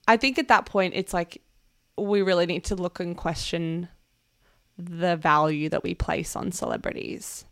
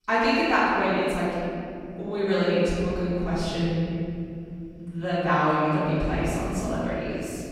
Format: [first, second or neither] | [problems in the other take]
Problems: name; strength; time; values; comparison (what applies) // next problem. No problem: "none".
first | off-mic speech; far // room echo; strong; dies away in 3 s